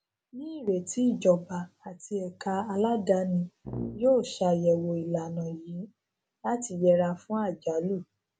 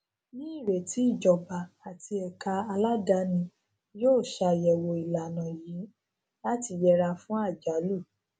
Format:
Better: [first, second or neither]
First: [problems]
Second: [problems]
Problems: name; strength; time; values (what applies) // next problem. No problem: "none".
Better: second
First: background sound (Brass instrument); 11 dB below the speech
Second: none